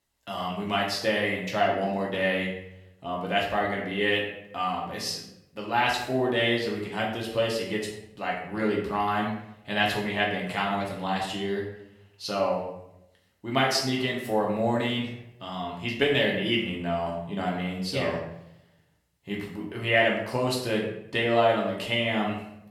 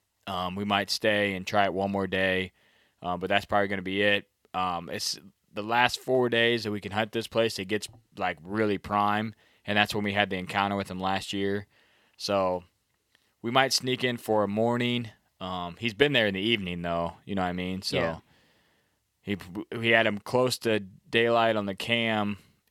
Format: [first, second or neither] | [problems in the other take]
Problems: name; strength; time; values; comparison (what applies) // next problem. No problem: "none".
second | room echo; noticeable; dies away in 0.6 s // off-mic speech; far